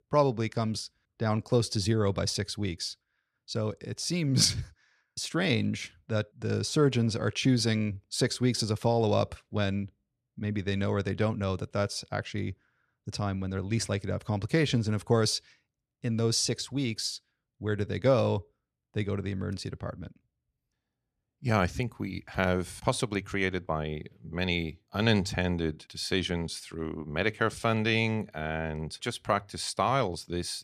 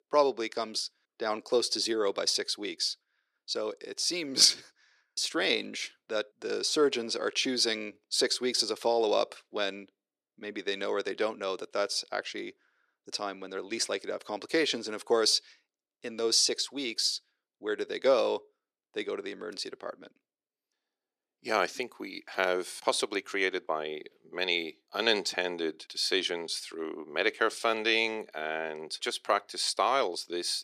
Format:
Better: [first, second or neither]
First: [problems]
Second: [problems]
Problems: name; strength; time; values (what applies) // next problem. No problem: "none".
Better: first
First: none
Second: thin; very; fading below 350 Hz